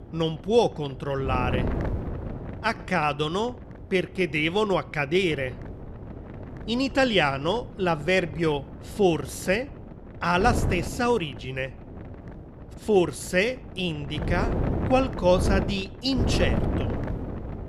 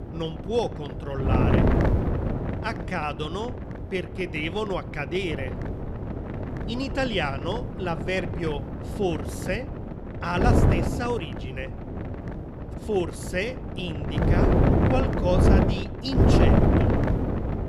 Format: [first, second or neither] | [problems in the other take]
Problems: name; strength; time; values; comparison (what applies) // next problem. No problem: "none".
first | wind noise on the microphone; heavy; as loud as the speech; occasional gusts in the first